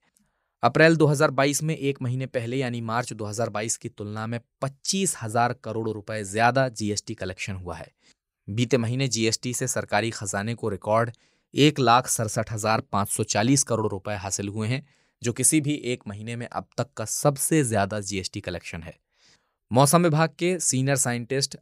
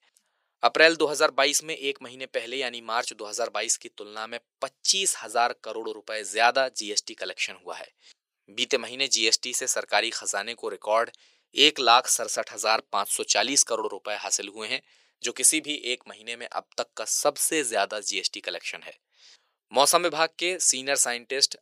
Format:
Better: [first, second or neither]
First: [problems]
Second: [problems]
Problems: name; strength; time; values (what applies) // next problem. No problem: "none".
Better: first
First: none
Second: thin; very; fading below 400 Hz